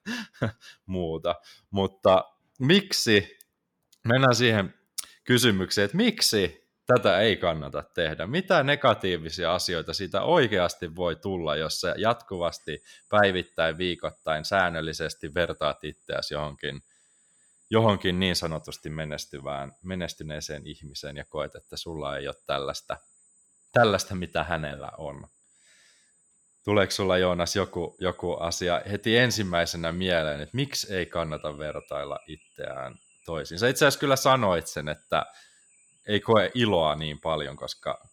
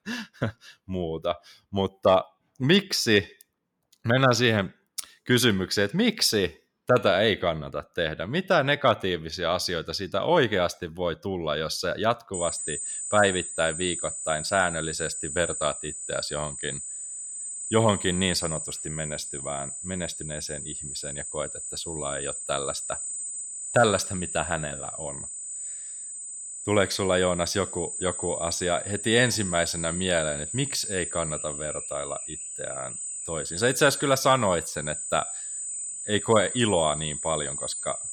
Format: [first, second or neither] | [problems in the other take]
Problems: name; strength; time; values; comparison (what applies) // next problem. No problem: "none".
first | high-pitched whine; loud; from 12 s on; 8 kHz, 6 dB below the speech; faint in the first